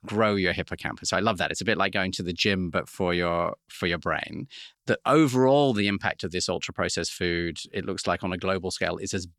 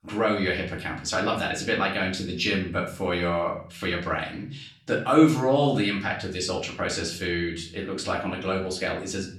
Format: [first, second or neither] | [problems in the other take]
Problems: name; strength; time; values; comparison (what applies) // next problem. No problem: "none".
first | off-mic speech; far // room echo; slight; dies away in 0.4 s